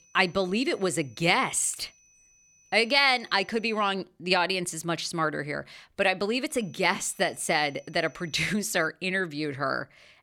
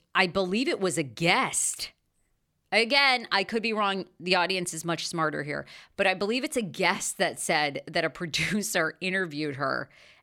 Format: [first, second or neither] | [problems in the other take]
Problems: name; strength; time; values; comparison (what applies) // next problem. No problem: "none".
second | high-pitched whine; faint; until 4 s and from 6.5 to 9 s; 6 kHz, 30 dB below the speech